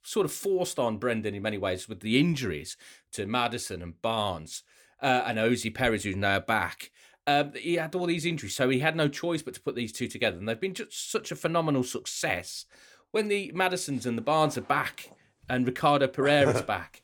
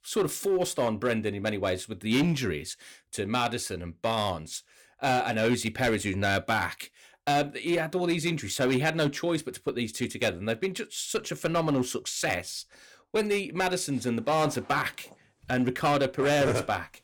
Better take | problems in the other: first | distortion; slight; 6% of the sound clipped

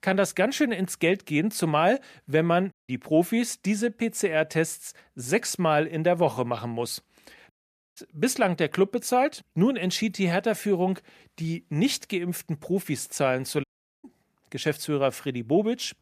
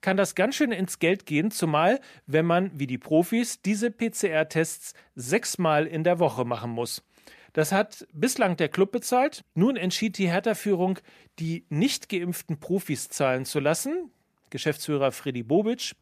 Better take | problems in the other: second | audio cutting out; at 2.5 s, at 7.5 s and at 14 s

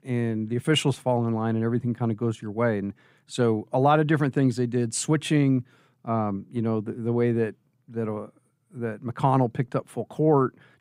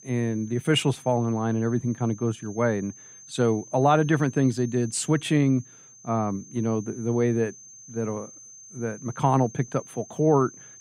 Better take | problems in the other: first | high-pitched whine; noticeable; throughout; 6.5 kHz, 20 dB below the speech

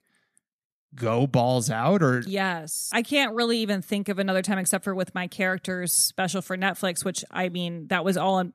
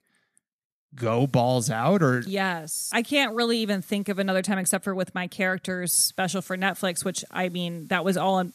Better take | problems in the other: first | hiss; faint; from 1 to 4.5 s and from 6 s on; 30 dB below the speech

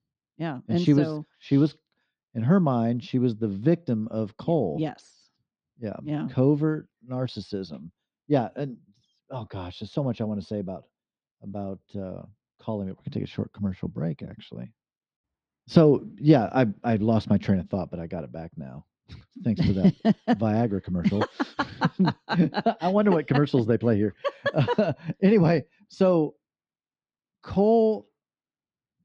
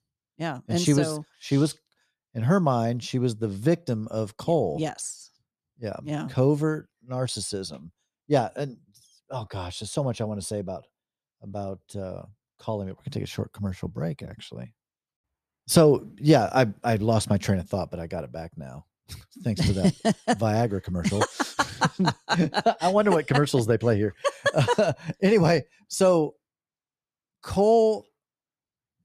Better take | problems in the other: second | muffled; very slightly; fading above 4.5 kHz

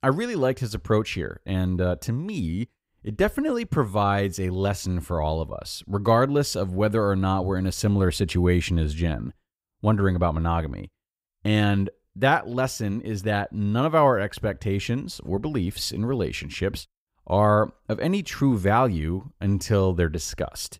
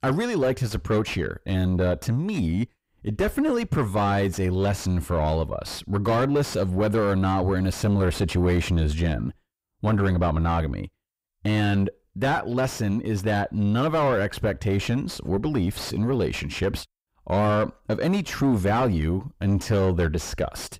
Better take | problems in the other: first | distortion; heavy; 7 dB below the speech

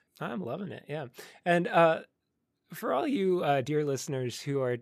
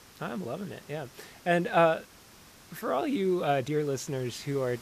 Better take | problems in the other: first | hiss; faint; throughout; 20 dB below the speech

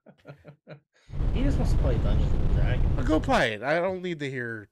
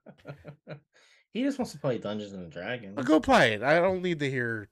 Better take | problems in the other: second | wind noise on the microphone; occasional gusts; from 1 to 3.5 s; 10 dB below the speech

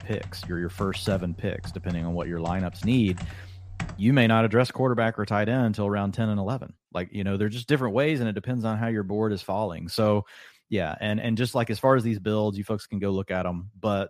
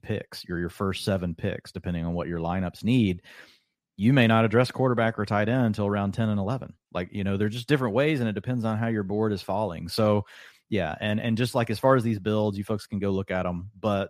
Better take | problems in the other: second | keyboard typing; faint; until 4 s; peak 10 dB below the speech

